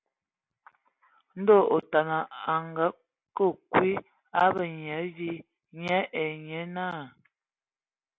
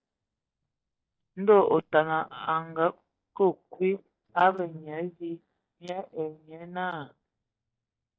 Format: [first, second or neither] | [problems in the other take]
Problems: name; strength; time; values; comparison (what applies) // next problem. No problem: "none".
first | noise reduction (neural mask model DeepFilterNet 3)